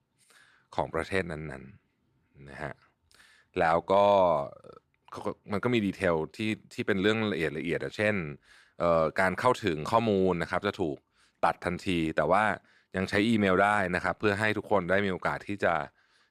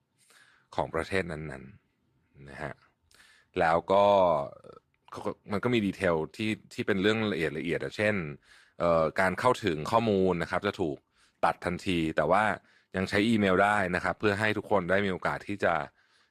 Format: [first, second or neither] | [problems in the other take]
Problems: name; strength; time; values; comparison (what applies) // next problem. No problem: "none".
first | garbled, watery; slightly; nothing above 15.5 kHz